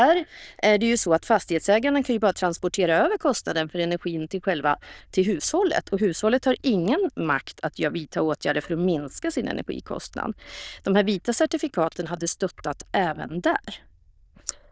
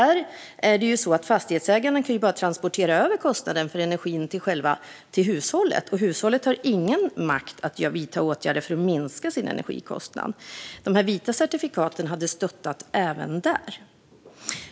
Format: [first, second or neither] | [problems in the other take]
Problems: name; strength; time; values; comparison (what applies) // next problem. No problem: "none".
second | noise reduction (neural diffusion model UNIVERSE++)